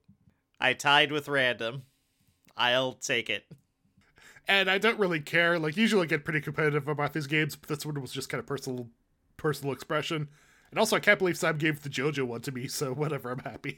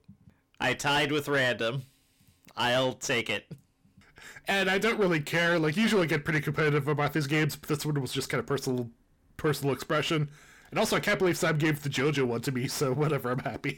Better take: first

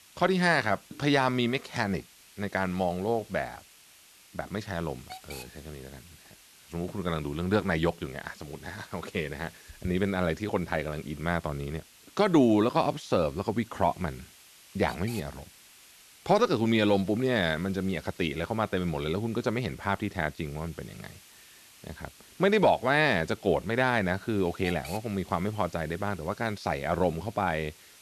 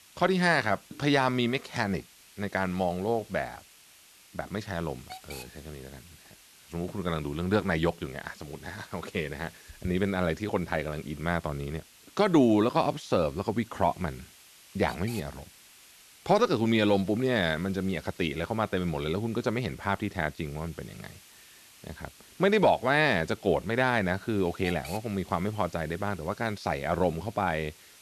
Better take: neither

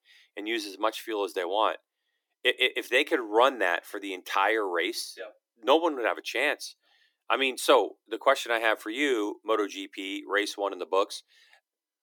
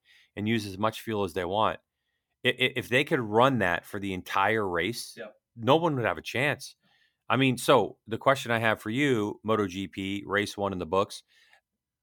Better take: second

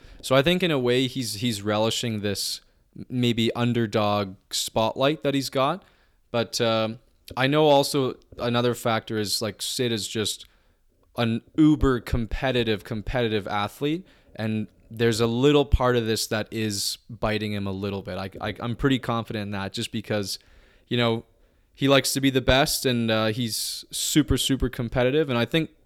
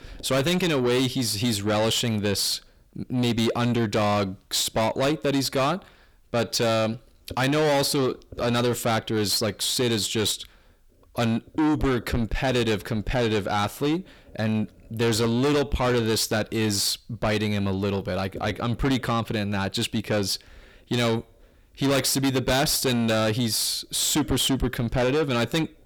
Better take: first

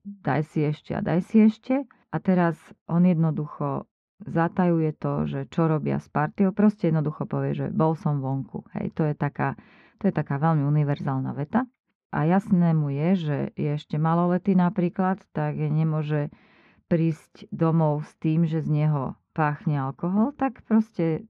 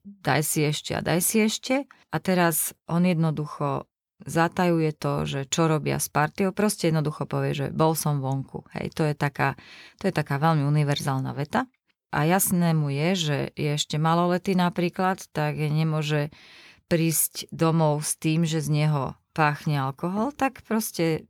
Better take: second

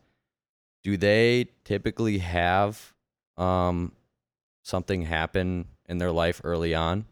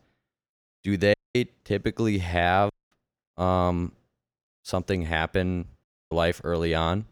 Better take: first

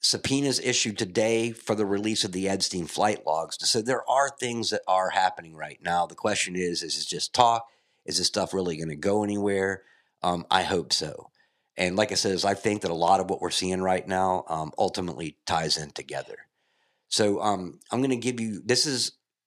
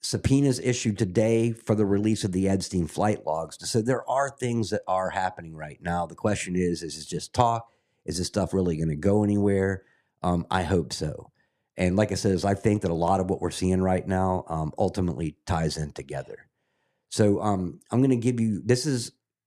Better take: second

